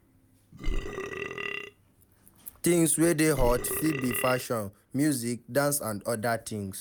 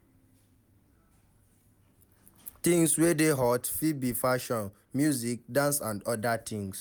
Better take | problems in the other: second | background sound (Burping, eructation); 4 dB below the speech

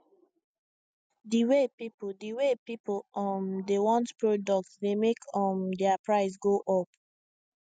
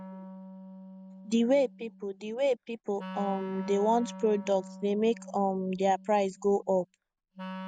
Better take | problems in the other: first | background sound (Wind instrument, woodwind instrument); 15 dB below the speech

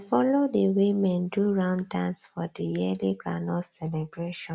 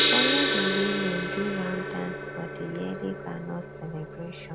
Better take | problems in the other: first | background sound (Gong); 3 dB above the speech

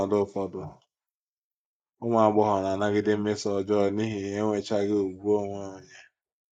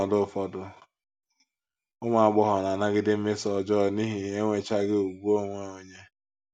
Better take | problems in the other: second | noise reduction (neural mask model Resemble Enhance denoiser)

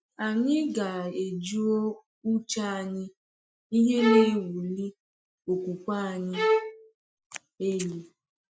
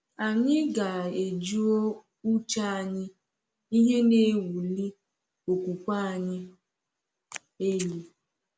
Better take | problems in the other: second | noise reduction (classical method Wiener filter)

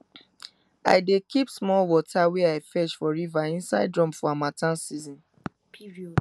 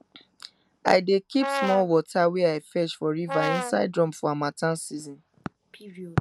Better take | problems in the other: first | background sound (Brass instrument); 4 dB below the speech

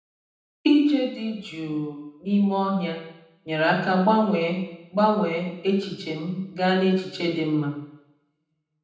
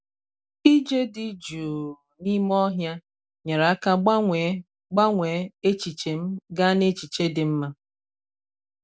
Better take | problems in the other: second | room echo; dies away in 0.8 s

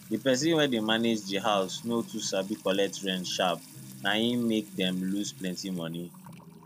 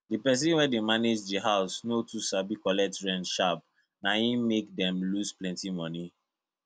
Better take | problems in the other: second | background sound (Trickle, dribble / Water tap, faucet / Music); 17 dB below the speech

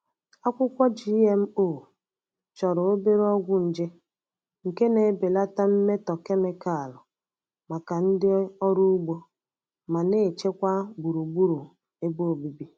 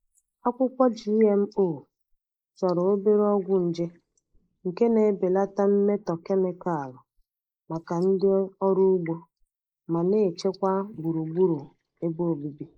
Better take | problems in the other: first | noise reduction (neural mask model Resemble Enhance denoiser)

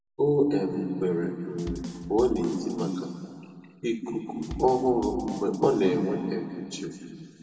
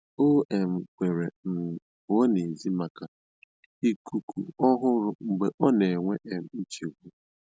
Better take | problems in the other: second | background sound (Drum kit); 15 dB below the speech // room echo; dies away in 2.4 s

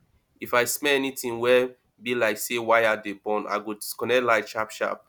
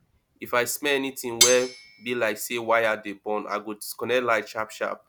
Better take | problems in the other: first | background sound (Cutlery, silverware); 1 dB below the speech

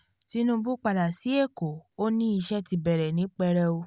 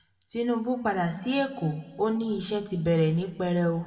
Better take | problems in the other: first | room echo; dies away in 1.4 s

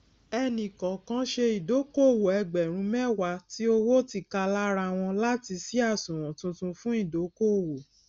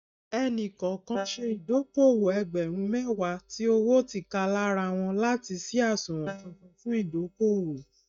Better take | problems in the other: first | noise reduction (neural mask model DeepFilterNet 3)

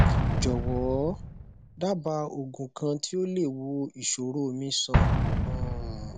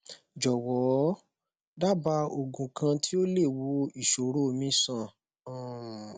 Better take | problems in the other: second | background sound (Explosion); 2 dB above the speech

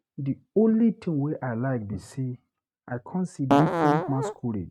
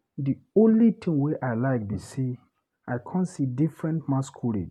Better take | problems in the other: second | noise reduction (neural mask model RNNoise)

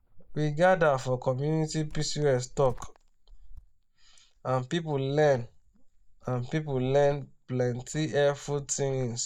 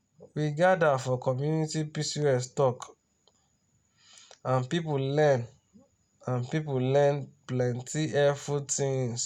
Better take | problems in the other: second | noise reduction (neural mask model DeepFilterNet 3)

